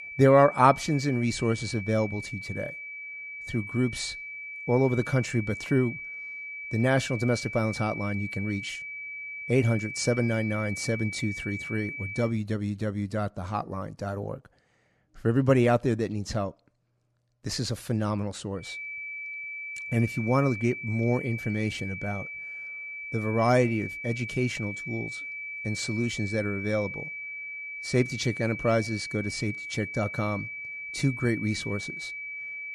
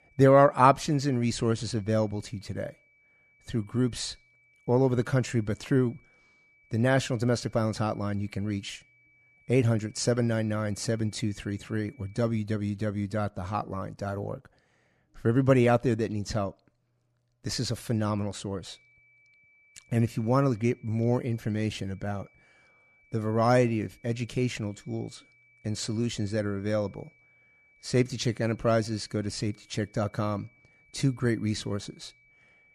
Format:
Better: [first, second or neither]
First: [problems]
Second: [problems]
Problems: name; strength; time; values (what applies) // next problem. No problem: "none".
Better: second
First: high-pitched whine; loud; until 12 s and from 19 s on; 2.5 kHz, 8 dB below the speech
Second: high-pitched whine; faint; until 12 s and from 19 s on; 2.5 kHz, 30 dB below the speech